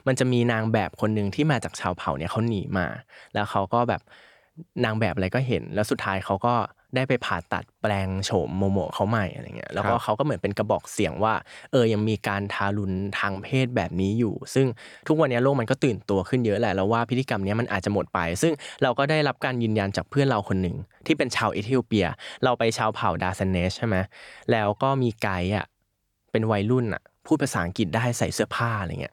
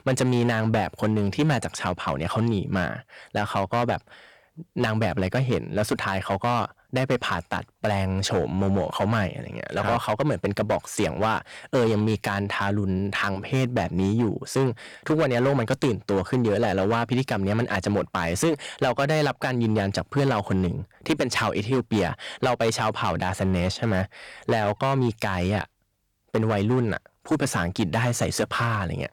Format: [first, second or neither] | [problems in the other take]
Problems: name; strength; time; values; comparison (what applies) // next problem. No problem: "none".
first | distortion; slight; 8% of the sound clipped